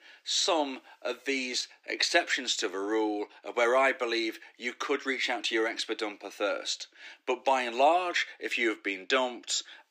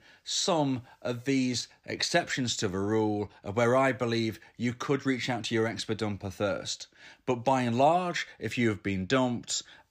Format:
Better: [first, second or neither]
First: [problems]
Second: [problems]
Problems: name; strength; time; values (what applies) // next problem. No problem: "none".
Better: second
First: thin; somewhat; fading below 300 Hz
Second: none